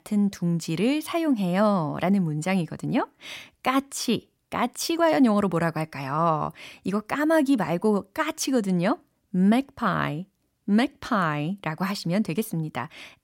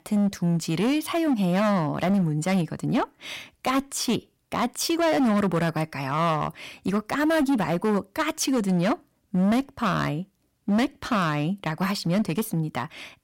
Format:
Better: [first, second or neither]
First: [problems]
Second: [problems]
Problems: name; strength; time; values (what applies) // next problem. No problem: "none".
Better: first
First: none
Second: distortion; slight; 13% of the sound clipped